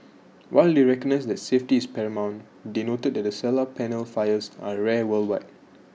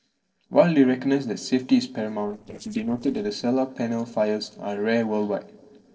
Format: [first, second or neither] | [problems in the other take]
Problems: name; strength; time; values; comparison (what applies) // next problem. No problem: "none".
first | noise reduction (neural separator model SepFormer DNS4)